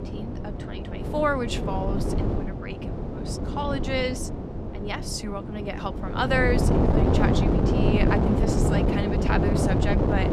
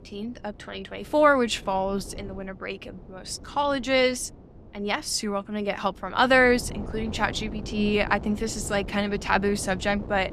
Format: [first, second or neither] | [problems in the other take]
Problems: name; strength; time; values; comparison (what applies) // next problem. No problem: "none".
second | wind noise on the microphone; heavy; 2 dB below the speech; occasional gusts in the second